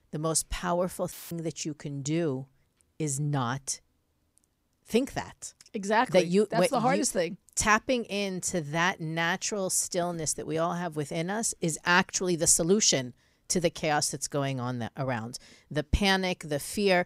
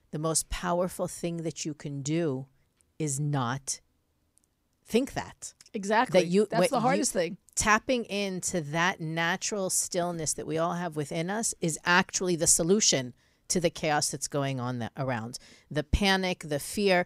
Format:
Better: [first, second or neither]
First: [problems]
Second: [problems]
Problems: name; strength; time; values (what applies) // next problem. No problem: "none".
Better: second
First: audio cutting out; filled with static; at 1 s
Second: none